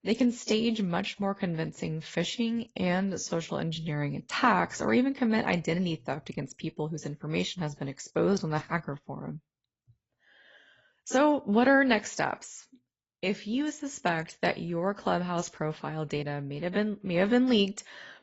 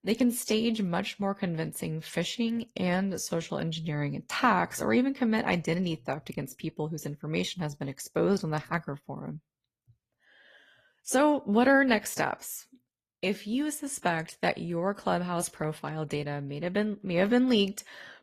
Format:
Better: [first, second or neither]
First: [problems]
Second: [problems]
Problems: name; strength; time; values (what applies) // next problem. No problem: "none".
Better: second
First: garbled, watery; badly; nothing above 7.5 kHz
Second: garbled, watery; slightly; nothing above 14.5 kHz